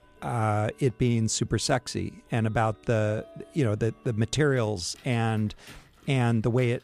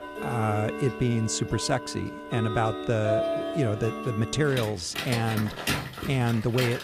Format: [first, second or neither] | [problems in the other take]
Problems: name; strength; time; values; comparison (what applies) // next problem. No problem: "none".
first | household noises; loud; throughout; 5 dB below the speech; faint in the first